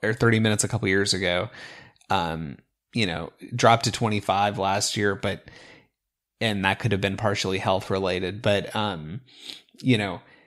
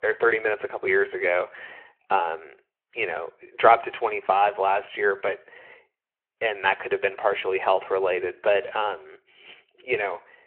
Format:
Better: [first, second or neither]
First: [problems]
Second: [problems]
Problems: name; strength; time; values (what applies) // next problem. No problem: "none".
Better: first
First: none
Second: phone-call audio